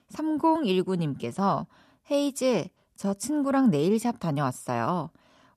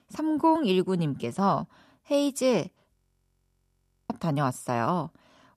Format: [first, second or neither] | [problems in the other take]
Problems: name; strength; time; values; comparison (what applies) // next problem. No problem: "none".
first | audio freezing; at 3 s for 1 s